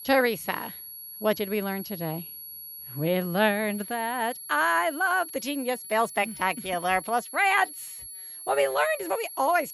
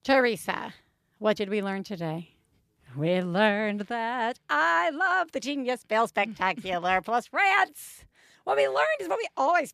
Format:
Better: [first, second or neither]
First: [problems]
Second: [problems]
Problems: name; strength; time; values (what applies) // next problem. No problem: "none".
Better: second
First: high-pitched whine; noticeable; throughout; 11.5 kHz, 10 dB below the speech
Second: none